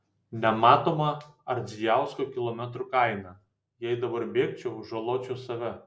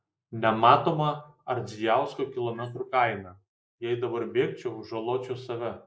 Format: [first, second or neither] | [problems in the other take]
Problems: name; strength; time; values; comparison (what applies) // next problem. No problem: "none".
first | noise reduction (neural mask model Resemble Enhance denoiser)